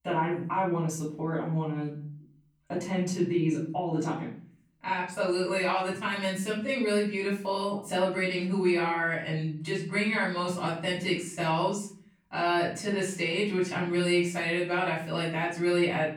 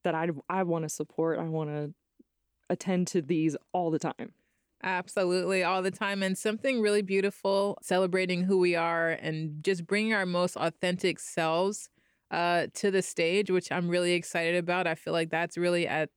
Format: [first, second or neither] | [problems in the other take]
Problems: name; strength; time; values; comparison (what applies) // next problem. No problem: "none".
second | room echo; slight; dies away in 0.5 s // off-mic speech; far